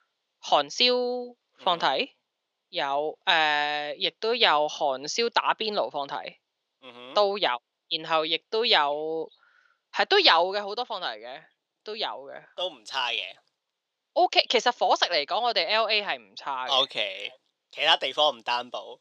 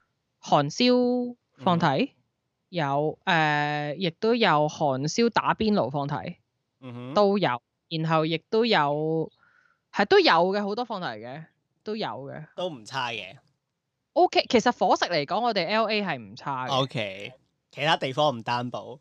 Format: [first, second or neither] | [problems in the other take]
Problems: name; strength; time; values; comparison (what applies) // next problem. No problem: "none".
second | thin; somewhat; fading below 550 Hz